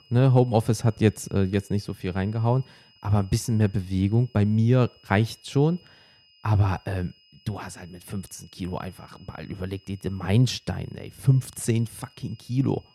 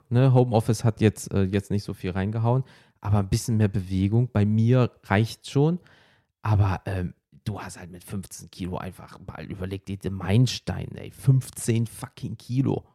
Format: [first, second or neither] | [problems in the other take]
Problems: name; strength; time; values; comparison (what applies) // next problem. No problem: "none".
second | high-pitched whine; faint; throughout; 5 kHz, 30 dB below the speech